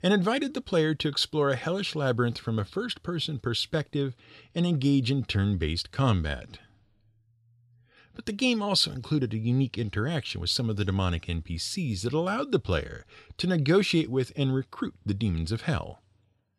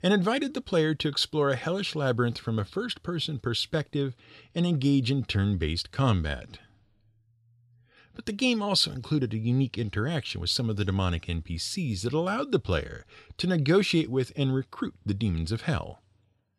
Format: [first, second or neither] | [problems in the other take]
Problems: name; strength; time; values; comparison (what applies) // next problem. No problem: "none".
neither | none